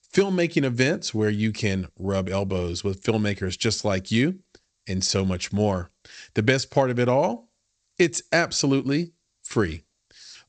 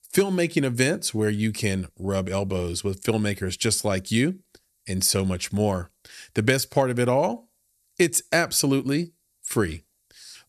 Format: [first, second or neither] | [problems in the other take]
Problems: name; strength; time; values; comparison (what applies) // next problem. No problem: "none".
second | garbled, watery; slightly; nothing above 8 kHz